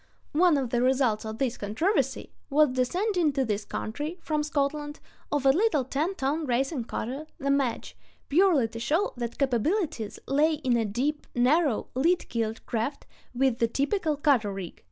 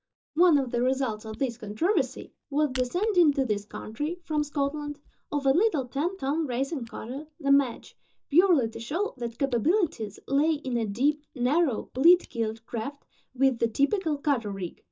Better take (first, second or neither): first